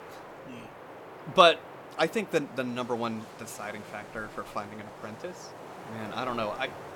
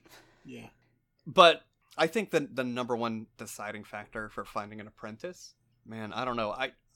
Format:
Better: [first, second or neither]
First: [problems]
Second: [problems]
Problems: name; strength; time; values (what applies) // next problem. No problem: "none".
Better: second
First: wind noise on the microphone; occasional gusts; 15 dB below the speech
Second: none